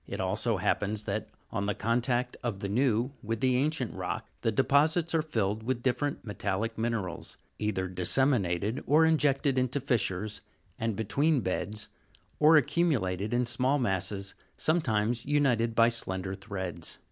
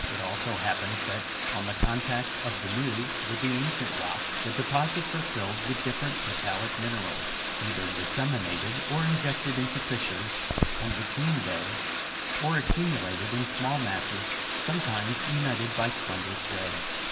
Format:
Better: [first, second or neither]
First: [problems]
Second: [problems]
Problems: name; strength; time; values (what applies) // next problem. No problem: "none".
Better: first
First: none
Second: background sound (Bathtub (filling or washing)); as loud as the speech // room echo; dies away in 2.1 s